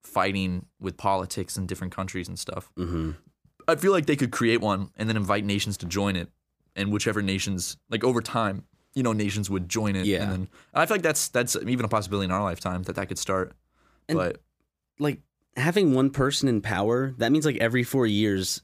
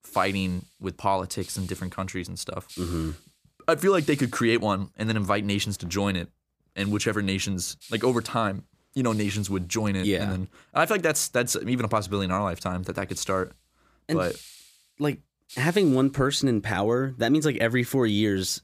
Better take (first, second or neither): first